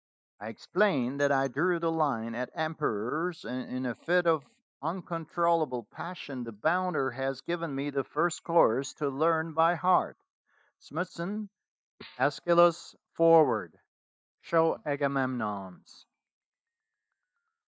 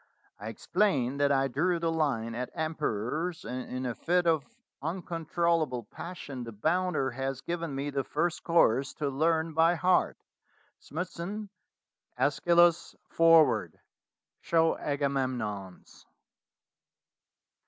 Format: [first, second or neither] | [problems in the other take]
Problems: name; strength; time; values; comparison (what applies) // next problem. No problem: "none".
second | noise reduction (neural mask model DeepFilterNet 3)